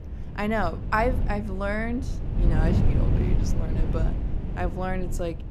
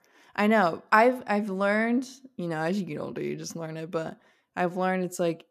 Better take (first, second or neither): second